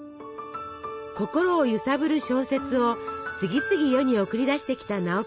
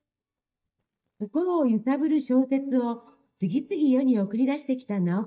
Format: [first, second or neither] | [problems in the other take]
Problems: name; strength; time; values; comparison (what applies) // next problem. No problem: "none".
first | noise reduction (neural mask model DeepFilterNet 3)